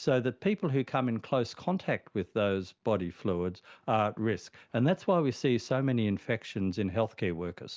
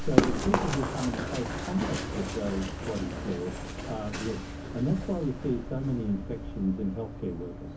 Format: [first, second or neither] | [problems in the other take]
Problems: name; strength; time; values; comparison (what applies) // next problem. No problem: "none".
first | background sound (Run); as loud as the speech // room echo; dies away in 0.3 s